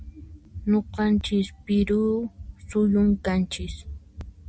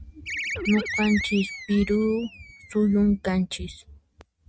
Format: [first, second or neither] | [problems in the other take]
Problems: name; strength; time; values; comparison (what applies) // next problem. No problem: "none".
first | noise reduction (neural mask model RNNoise)